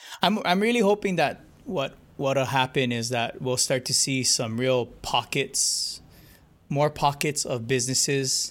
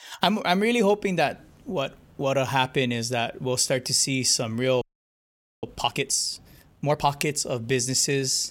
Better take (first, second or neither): first